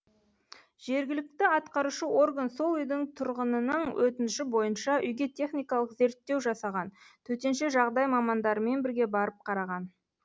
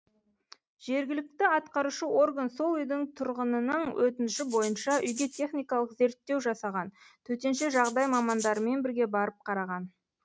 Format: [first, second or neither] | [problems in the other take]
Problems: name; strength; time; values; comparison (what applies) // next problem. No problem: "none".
first | noise reduction (neural mask model RNNoise)